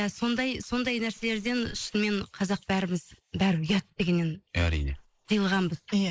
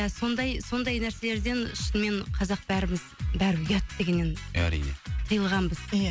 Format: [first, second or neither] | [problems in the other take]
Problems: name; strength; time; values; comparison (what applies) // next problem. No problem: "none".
second | noise reduction (neural mask model Resemble Enhance denoiser)